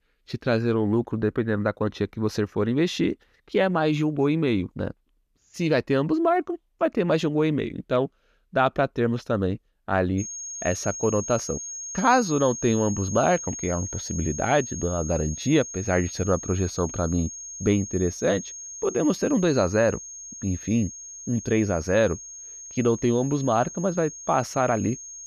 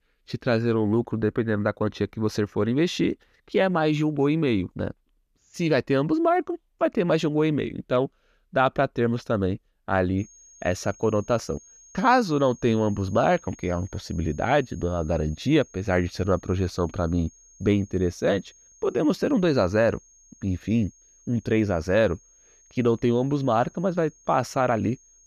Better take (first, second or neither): second